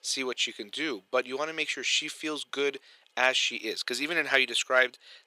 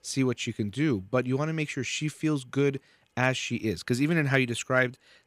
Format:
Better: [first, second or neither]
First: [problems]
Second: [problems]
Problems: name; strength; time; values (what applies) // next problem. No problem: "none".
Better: second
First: thin; very; fading below 450 Hz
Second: none